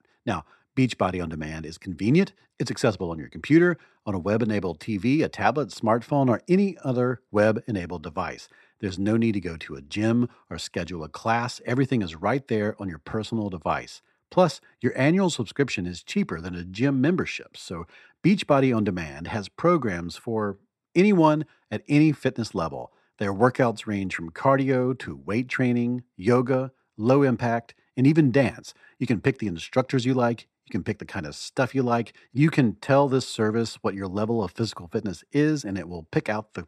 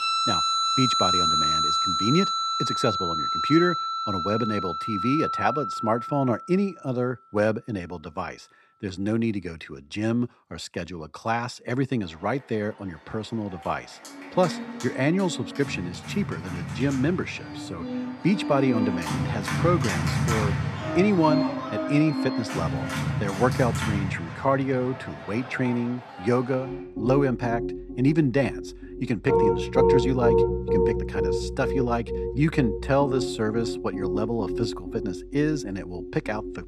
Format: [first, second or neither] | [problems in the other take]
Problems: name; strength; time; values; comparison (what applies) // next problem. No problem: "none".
first | background music; very loud; throughout; as loud as the speech